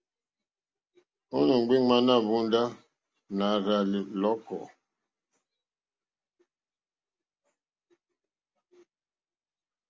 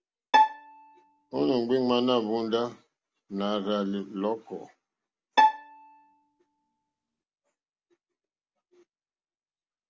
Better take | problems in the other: first | background sound (Bowed string instrument); 4 dB above the speech

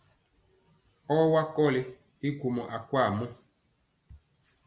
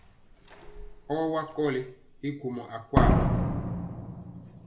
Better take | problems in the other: first | background sound (Slam); 4 dB above the speech // room echo; dies away in 0.3 s

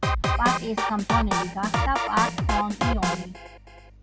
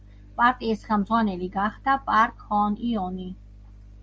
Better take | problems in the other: second | background sound (Drum kit); 3 dB above the speech

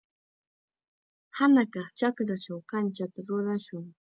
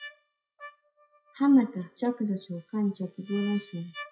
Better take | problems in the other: first | noise reduction (classical method WPE with log-MMSE)

